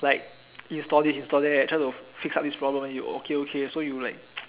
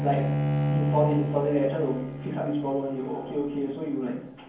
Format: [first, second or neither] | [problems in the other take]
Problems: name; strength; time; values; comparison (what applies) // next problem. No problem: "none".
first | background sound (Bowed string instrument); 1 dB below the speech // room echo; dies away in 0.9 s